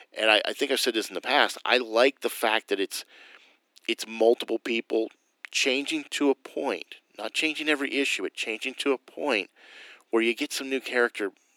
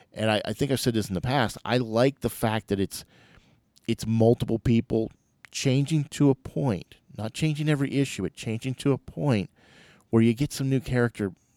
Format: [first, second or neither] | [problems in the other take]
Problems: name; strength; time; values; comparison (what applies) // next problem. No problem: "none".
second | thin; somewhat; fading below 300 Hz